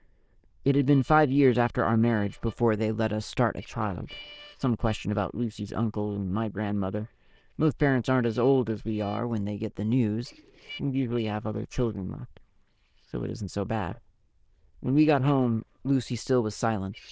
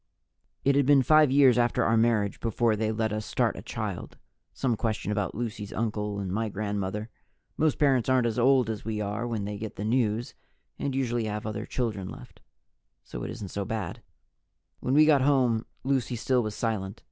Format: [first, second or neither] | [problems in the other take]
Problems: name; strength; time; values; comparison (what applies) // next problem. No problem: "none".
second | noise reduction (neural diffusion model UNIVERSE++)